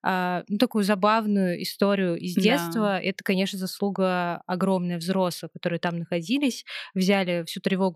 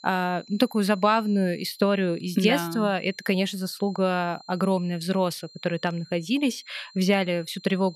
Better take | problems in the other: first | high-pitched whine; faint; throughout; 4 kHz, 25 dB below the speech

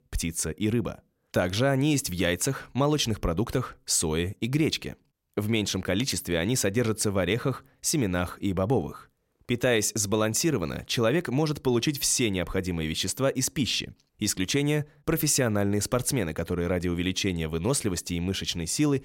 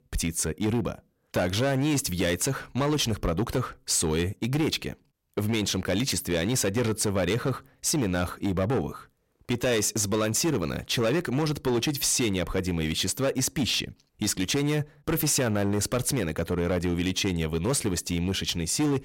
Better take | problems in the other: first | distortion; slight; 12% of the sound clipped

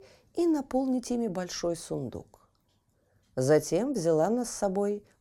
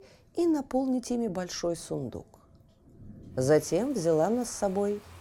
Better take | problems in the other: first | rain or running water; faint; throughout; 25 dB below the speech

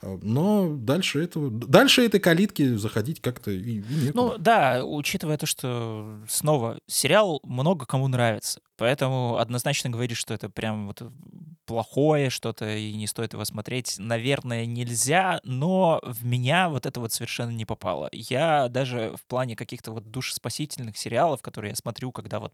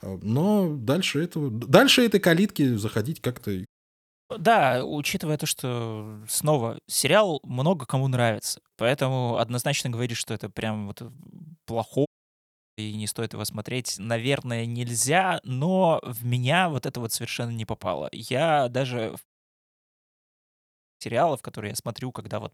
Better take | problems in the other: first | audio cutting out; at 3.5 s for 0.5 s, at 12 s for 0.5 s and at 19 s for 1.5 s

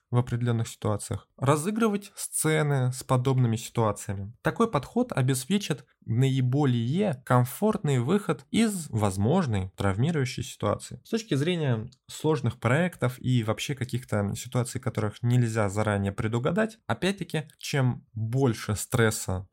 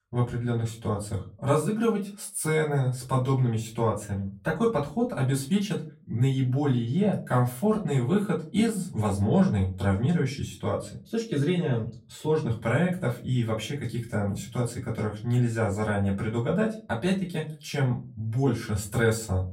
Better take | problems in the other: first | off-mic speech; far // room echo; very slight; dies away in 0.3 s

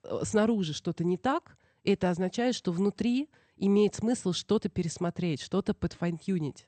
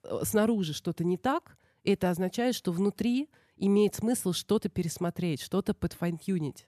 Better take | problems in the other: second | garbled, watery; slightly; nothing above 8.5 kHz

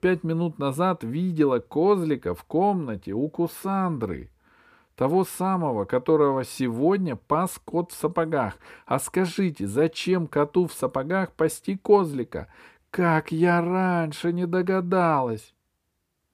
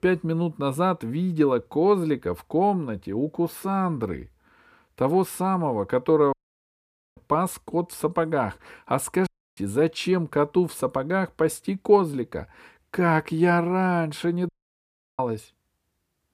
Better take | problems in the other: first | audio cutting out; at 6.5 s for 1 s, at 9.5 s and at 14 s for 0.5 s

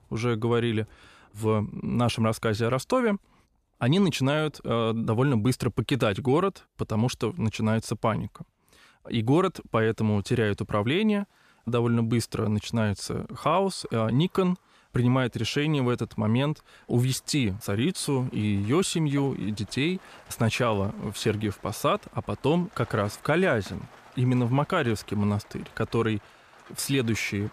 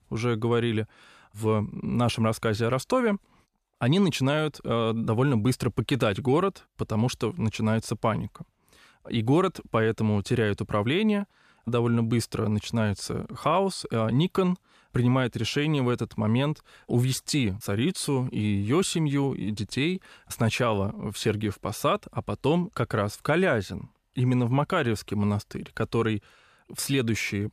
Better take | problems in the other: second | rain or running water; faint; throughout; 25 dB below the speech

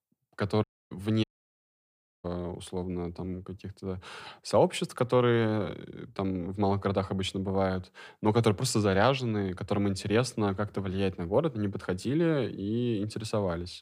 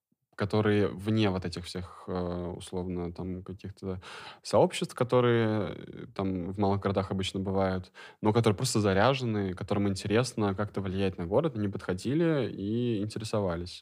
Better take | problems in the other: second | audio cutting out; at 0.5 s and at 1 s for 1 s

